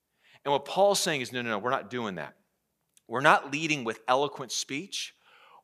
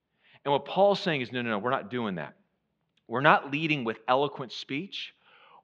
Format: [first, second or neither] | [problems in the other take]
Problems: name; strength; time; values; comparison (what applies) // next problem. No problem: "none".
first | muffled; slightly; fading above 3.5 kHz